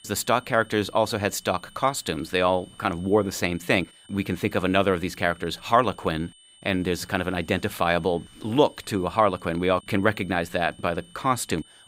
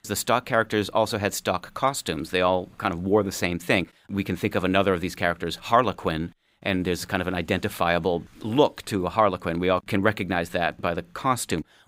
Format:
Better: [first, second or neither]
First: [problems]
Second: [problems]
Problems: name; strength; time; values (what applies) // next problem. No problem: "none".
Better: second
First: high-pitched whine; faint; throughout; 3 kHz, 25 dB below the speech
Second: none